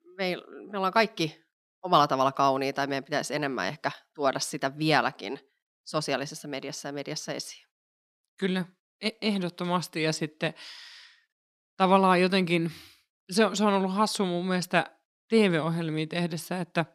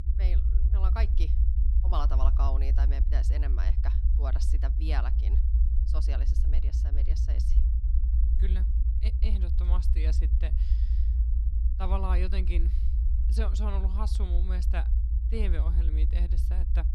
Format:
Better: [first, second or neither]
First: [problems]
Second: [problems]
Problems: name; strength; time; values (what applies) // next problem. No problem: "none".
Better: first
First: none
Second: low rumble; loud; throughout; 5 dB below the speech